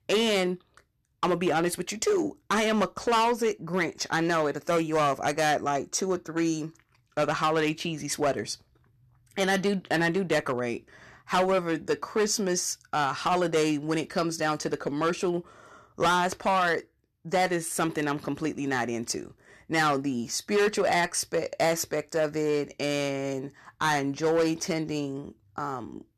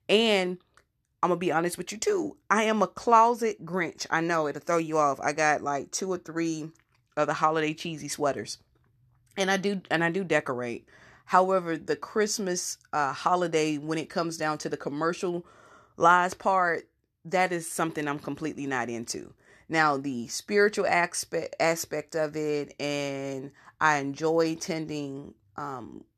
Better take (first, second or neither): second